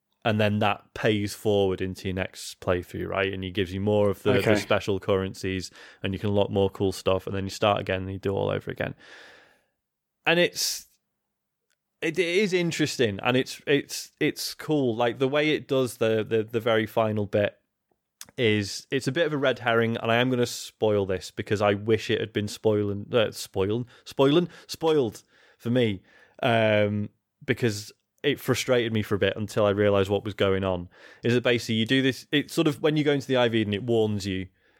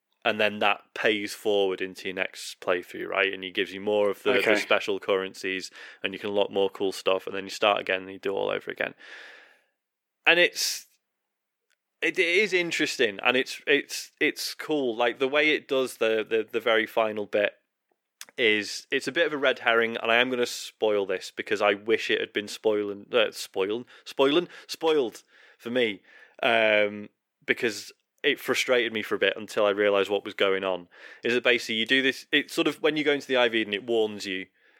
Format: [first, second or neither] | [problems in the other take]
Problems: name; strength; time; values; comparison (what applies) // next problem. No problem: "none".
first | thin; somewhat; fading below 350 Hz